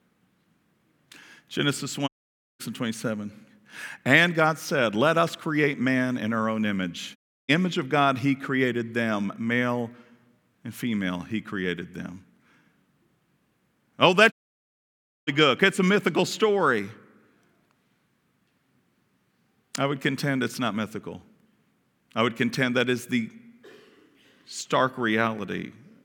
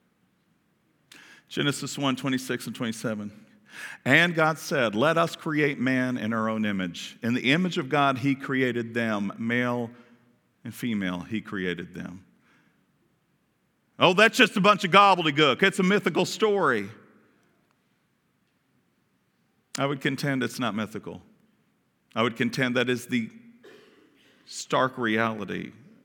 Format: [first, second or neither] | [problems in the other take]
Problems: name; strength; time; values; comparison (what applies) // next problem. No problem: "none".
second | audio cutting out; at 2 s for 0.5 s, at 7 s and at 14 s for 1 s